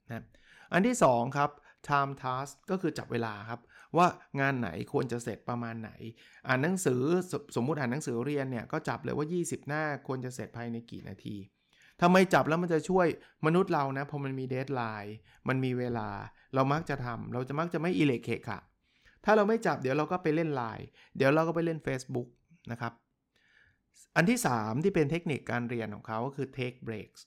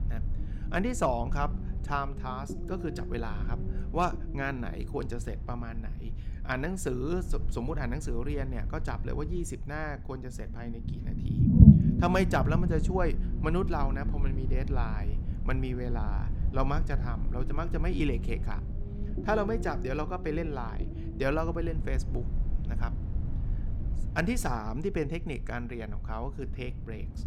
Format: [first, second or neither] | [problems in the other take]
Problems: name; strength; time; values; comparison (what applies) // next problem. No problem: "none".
first | low rumble; loud; throughout; 7 dB below the speech